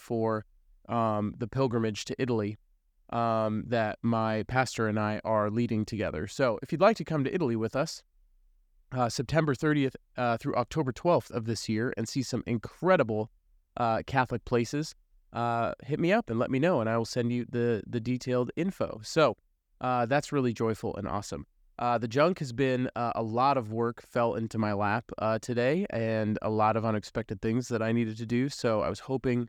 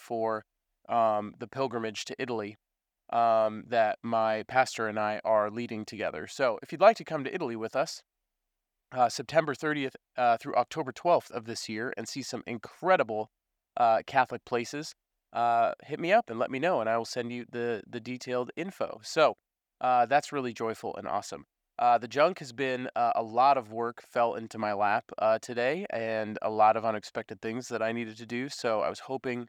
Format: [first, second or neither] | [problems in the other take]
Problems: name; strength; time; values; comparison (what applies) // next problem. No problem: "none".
first | thin; somewhat; fading below 450 Hz